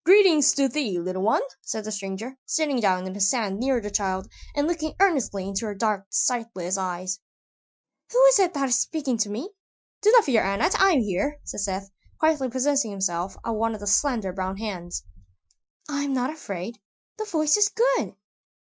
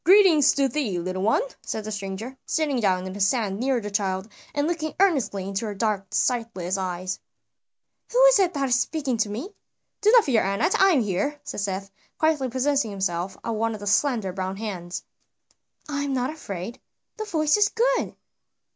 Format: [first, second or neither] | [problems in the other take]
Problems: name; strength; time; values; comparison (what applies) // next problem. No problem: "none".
second | noise reduction (classical method Wiener filter)